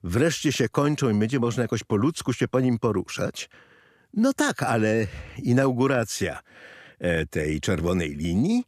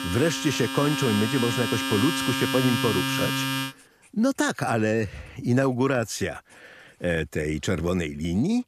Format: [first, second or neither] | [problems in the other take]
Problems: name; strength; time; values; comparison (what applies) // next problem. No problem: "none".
first | household noises; loud; throughout; 1 dB below the speech